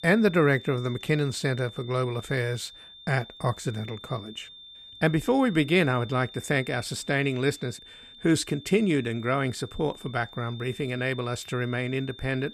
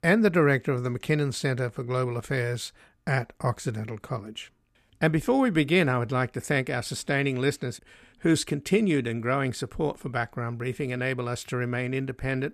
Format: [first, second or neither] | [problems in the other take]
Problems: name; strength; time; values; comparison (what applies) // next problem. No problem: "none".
second | high-pitched whine; noticeable; throughout; 3.5 kHz, 15 dB below the speech